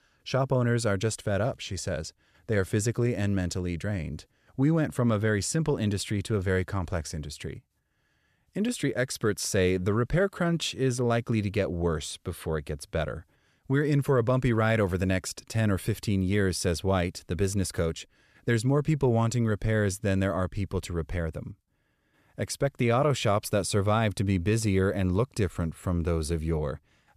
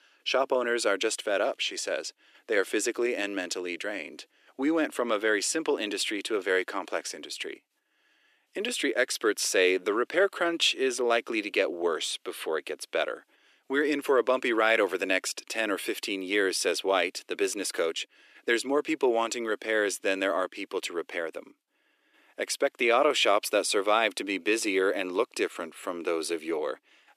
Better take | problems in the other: first | thin; very; fading below 300 Hz

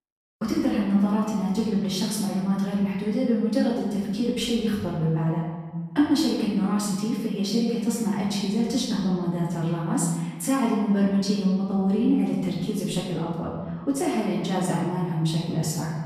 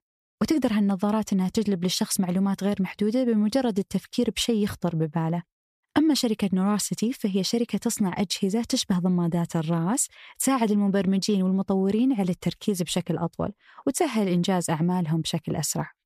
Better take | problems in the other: second | room echo; noticeable; dies away in 1.3 s // off-mic speech; far

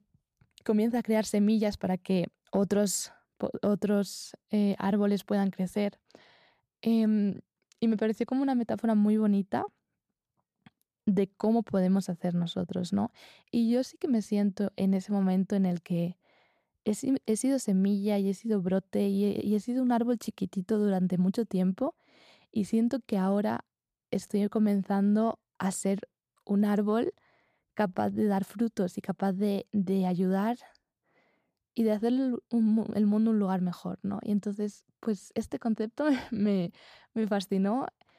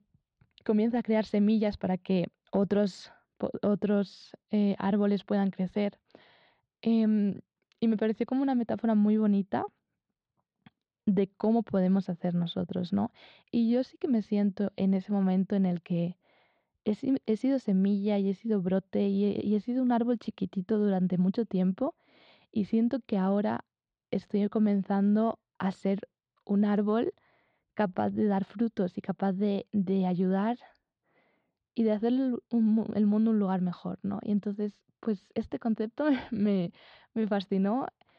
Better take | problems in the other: first | muffled; slightly; fading above 4 kHz

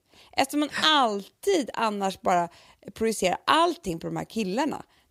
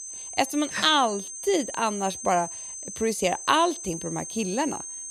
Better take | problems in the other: first | high-pitched whine; loud; throughout; 6.5 kHz, 9 dB below the speech

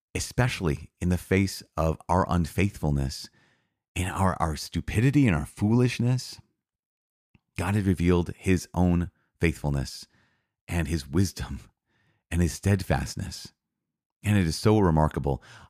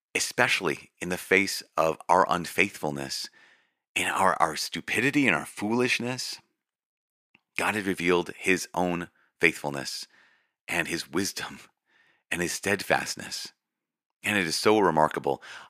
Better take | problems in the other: first | thin; somewhat; fading below 350 Hz

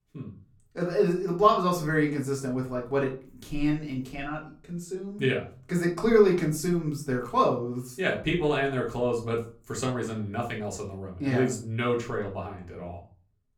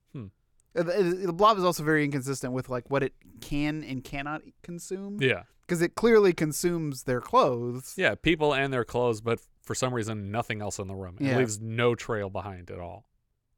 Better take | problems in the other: second | room echo; slight; dies away in 0.4 s // off-mic speech; far

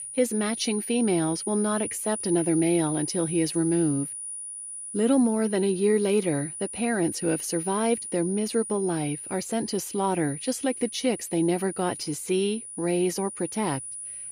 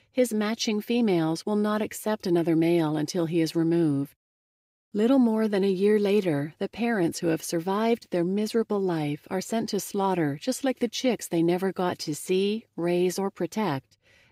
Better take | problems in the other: second | high-pitched whine; loud; throughout; 9.5 kHz, 7 dB below the speech

